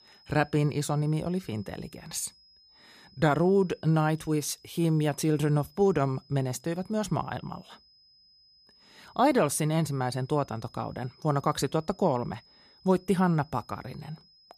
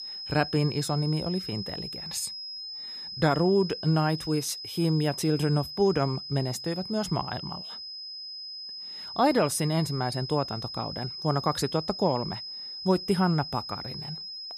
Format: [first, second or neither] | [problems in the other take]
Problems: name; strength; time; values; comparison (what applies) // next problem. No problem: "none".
first | high-pitched whine; loud; throughout; 5 kHz, 8 dB below the speech; faint in the first